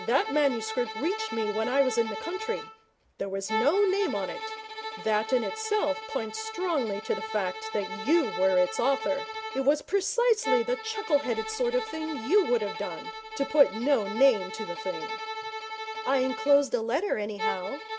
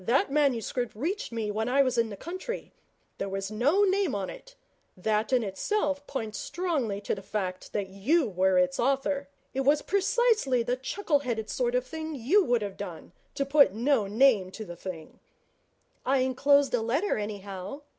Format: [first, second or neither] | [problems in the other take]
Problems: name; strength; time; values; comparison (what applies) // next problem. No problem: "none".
second | background sound (Bowed string instrument); 8 dB below the speech